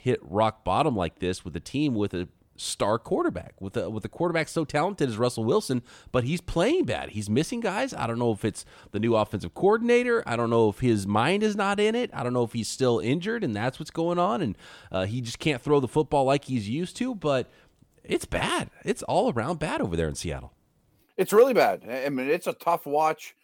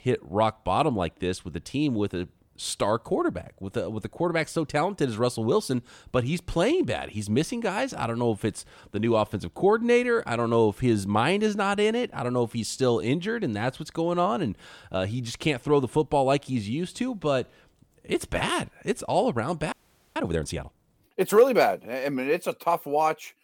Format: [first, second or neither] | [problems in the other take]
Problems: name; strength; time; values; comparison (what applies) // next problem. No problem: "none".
first | audio freezing; at 20 s